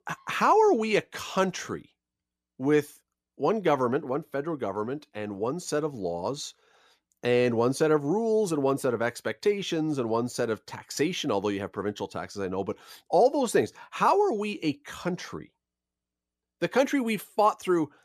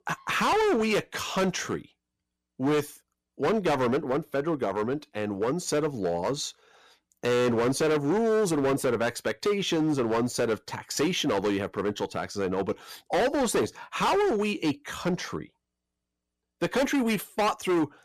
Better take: first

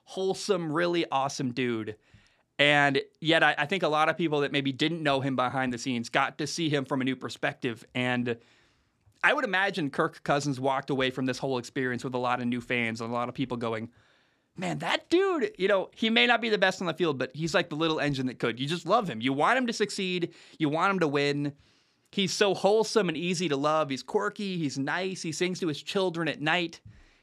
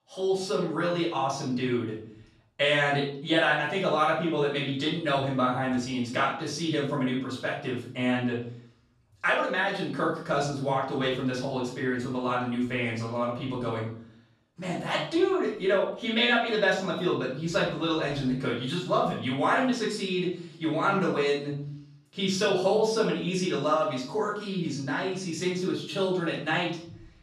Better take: first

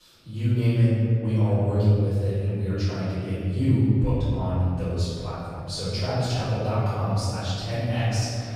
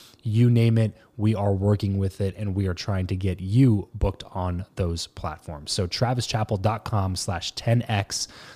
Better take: second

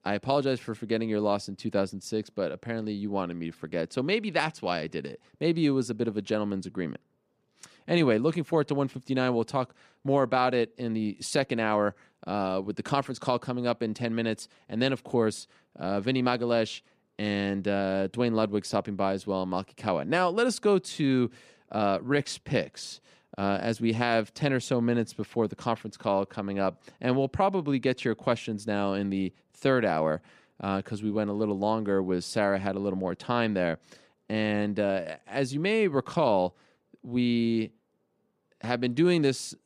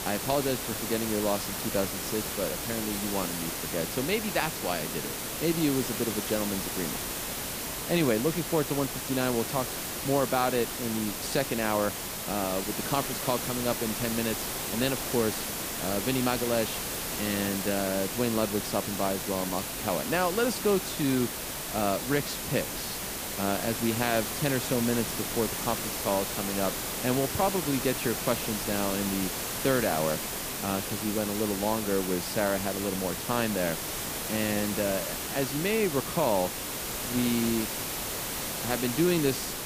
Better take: first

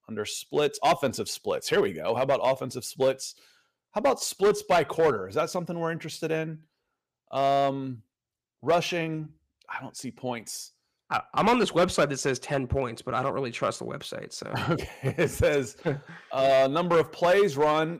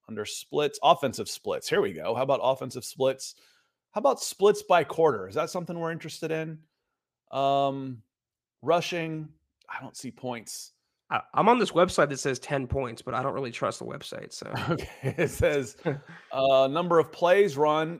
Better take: second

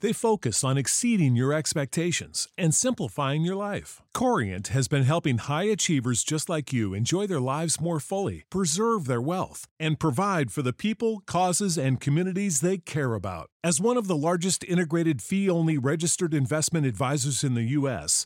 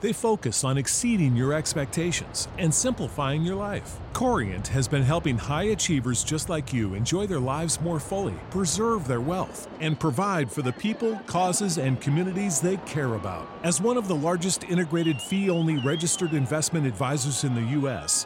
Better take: first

